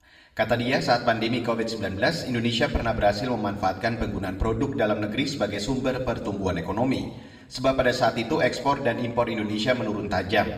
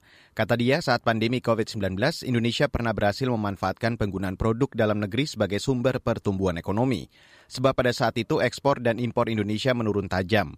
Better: second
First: room echo; slight; dies away in 0.9 s // off-mic speech; somewhat distant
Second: none

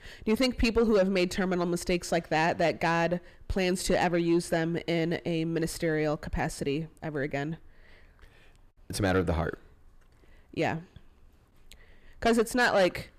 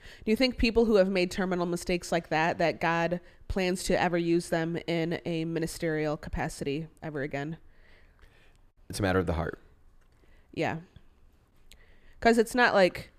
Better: second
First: distortion; slight; 10 dB below the speech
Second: none

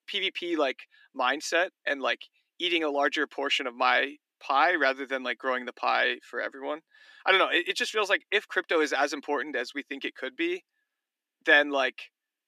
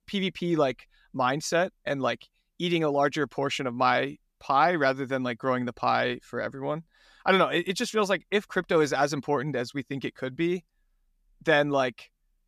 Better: second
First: thin; somewhat; fading below 300 Hz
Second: none

